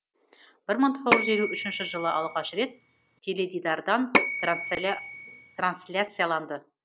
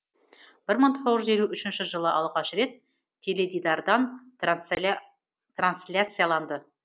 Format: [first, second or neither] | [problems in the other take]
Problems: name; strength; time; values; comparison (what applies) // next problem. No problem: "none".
second | background sound (Bell / Telephone); 2 dB below the speech